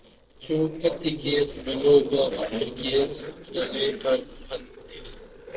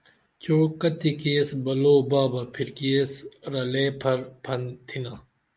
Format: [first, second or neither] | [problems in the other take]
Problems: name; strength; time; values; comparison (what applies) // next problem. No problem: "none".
second | noise reduction (neural separator model SepFormer DNS4)